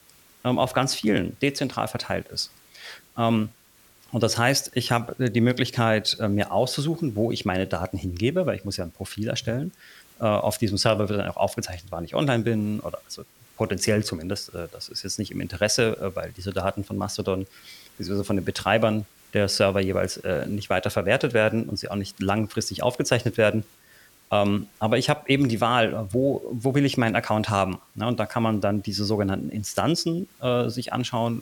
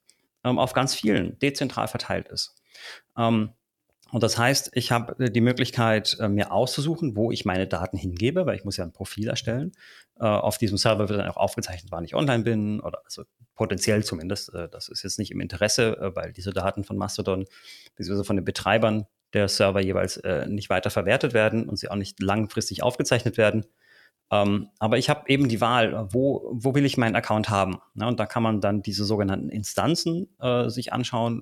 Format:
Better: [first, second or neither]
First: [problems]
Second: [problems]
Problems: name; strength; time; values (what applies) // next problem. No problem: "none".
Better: second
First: hiss; faint; throughout; 30 dB below the speech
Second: none